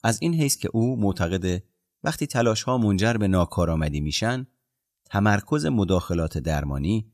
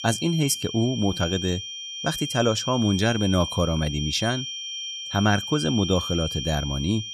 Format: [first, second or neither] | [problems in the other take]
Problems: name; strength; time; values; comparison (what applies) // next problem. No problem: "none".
first | high-pitched whine; loud; throughout; 3 kHz, 6 dB below the speech